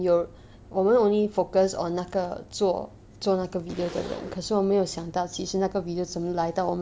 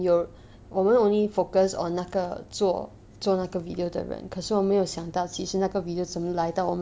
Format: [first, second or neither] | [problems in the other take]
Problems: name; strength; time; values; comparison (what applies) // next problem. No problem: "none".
second | background sound (Zipper (clothing)); 18 dB below the speech